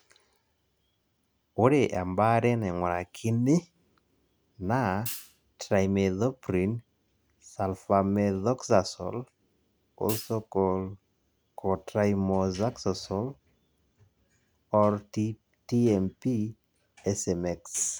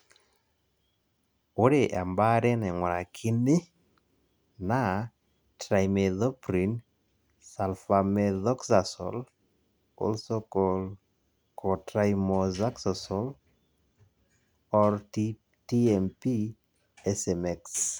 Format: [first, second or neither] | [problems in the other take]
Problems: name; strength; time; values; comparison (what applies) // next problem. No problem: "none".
second | background sound (Hi-hat); 12 dB below the speech